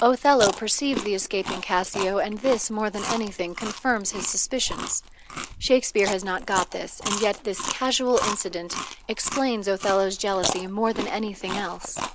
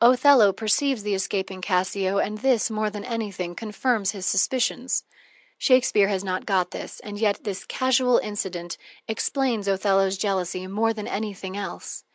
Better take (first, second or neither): second